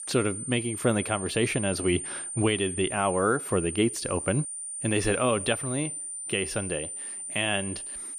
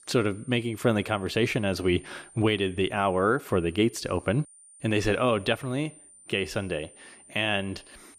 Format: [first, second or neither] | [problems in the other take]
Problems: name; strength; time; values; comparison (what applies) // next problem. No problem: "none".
second | high-pitched whine; loud; throughout; 9 kHz, 5 dB below the speech; faint in the second